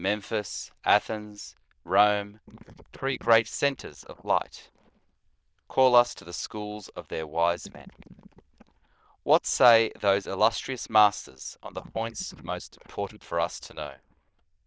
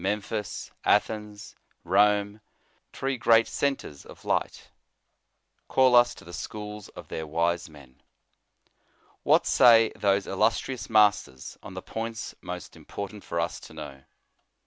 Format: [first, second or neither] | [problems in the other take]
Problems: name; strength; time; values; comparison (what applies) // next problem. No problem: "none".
second | noise reduction (neural diffusion model UNIVERSE++)